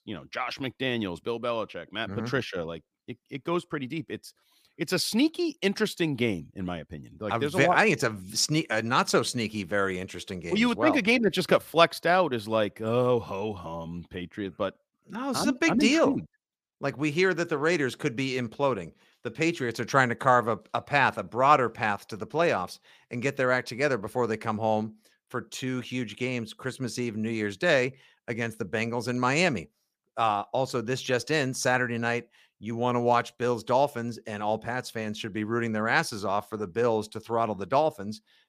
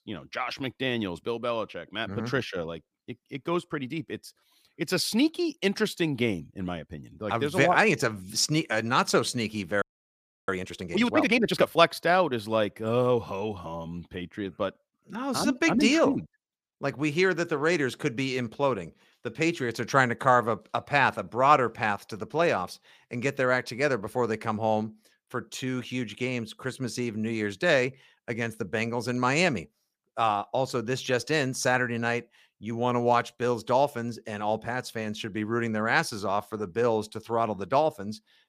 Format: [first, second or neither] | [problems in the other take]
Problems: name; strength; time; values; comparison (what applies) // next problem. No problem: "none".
first | audio freezing; at 10 s for 0.5 s